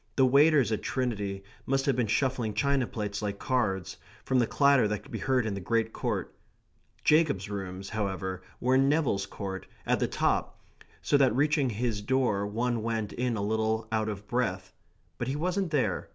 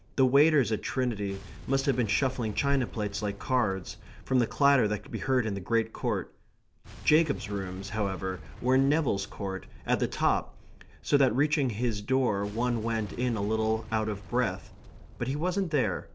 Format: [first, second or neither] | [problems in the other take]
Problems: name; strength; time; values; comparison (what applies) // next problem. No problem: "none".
first | background sound (Boom); 17 dB below the speech